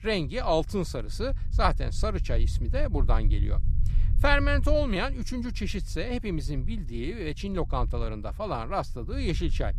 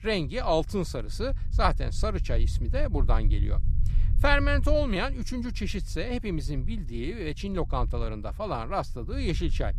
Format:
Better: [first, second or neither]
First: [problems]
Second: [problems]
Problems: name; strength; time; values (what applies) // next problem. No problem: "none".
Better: neither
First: low rumble; faint; throughout; 20 dB below the speech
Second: low rumble; faint; throughout; 20 dB below the speech